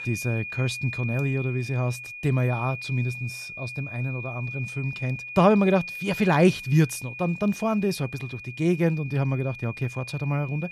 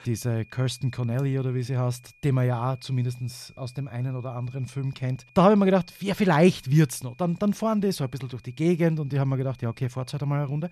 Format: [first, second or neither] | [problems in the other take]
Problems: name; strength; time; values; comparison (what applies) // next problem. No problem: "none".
second | high-pitched whine; loud; throughout; 2.5 kHz, 10 dB below the speech; faint in the second